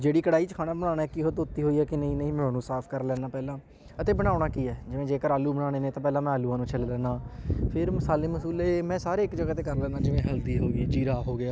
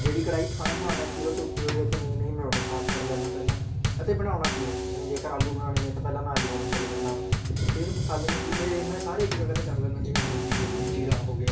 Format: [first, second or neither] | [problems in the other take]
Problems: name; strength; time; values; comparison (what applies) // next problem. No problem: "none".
first | background sound (Bass drum / Snare drum / Drum kit); 3 dB above the speech // room echo; dies away in 0.3 s